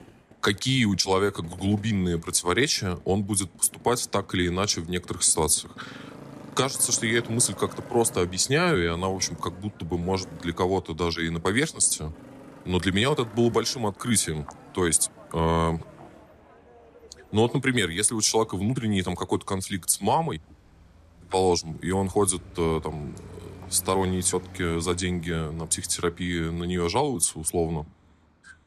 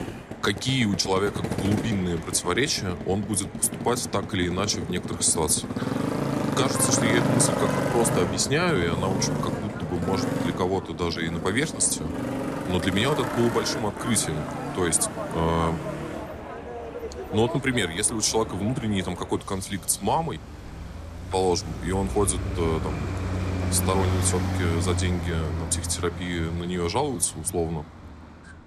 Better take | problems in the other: first | traffic noise; loud; throughout; 4 dB below the speech; faint in the first

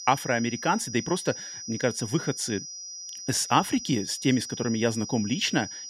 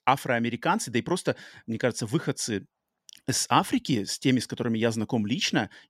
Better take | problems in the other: second | high-pitched whine; loud; throughout; 6 kHz, 9 dB below the speech

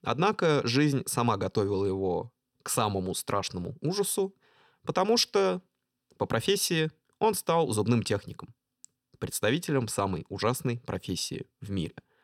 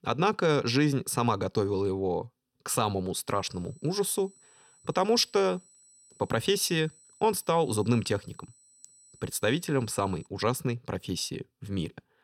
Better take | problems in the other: first | high-pitched whine; faint; from 3.5 to 10 s; 8 kHz, 30 dB below the speech

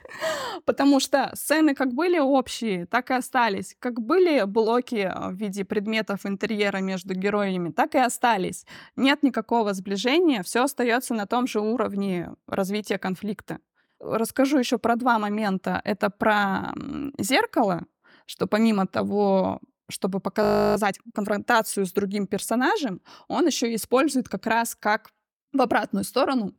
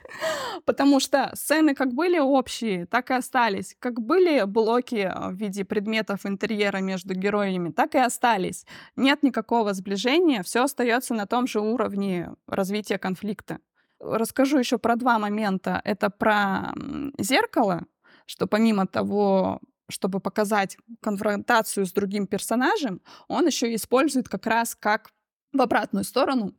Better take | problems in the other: second | audio freezing; at 20 s

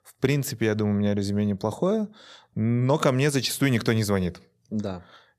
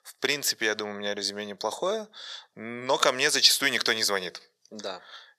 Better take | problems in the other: first | thin; very; fading below 600 Hz

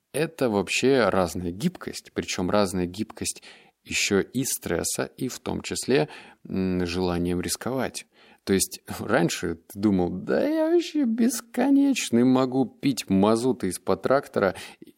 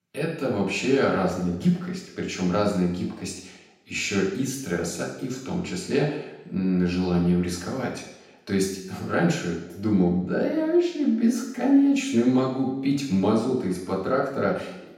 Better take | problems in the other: first | room echo; noticeable; dies away in 0.9 s // off-mic speech; far

